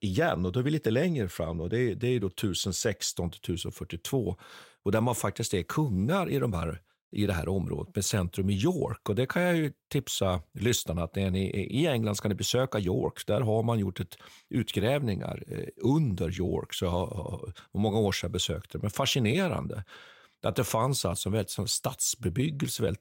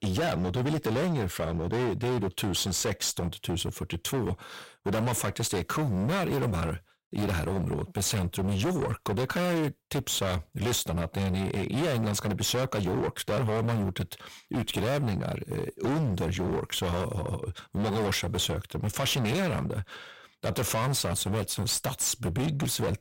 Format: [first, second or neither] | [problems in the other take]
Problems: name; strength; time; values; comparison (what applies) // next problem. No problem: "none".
first | distortion; heavy; 29% of the sound clipped